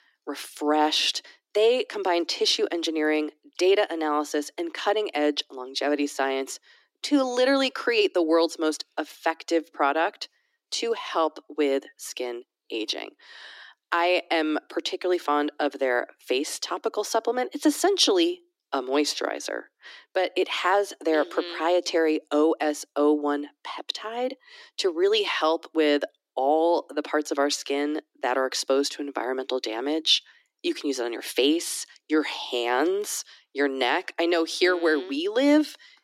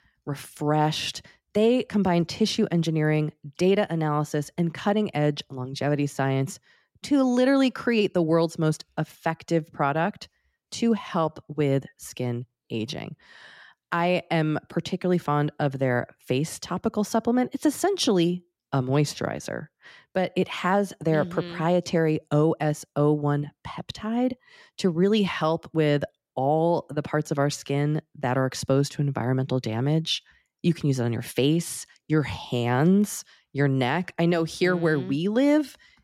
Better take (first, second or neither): second